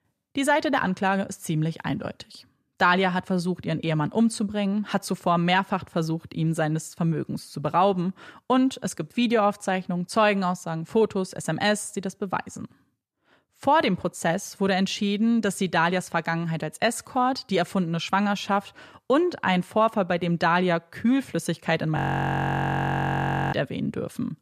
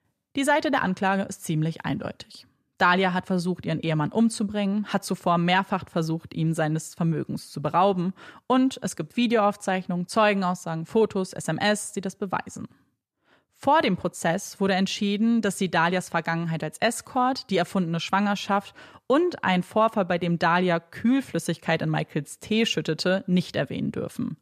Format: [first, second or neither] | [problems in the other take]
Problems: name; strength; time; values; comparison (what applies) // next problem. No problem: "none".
second | audio freezing; at 22 s for 1.5 s